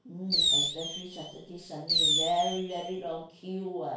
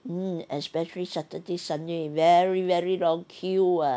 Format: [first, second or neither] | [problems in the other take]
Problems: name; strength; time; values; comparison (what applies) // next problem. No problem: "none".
second | background sound (Fireworks); 5 dB above the speech // room echo; dies away in 0.4 s